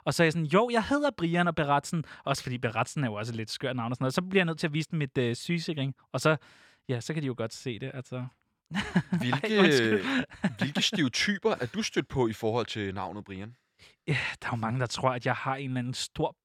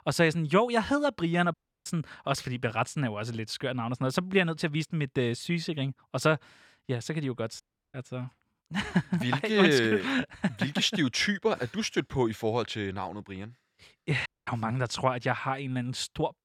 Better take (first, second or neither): first